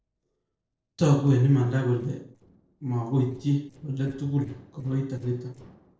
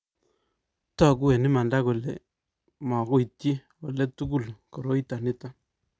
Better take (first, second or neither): second